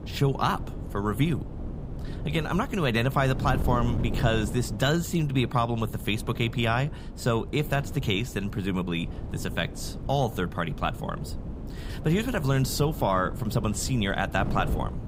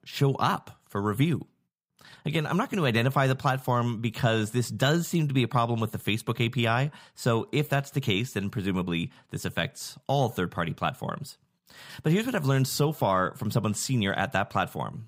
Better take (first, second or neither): second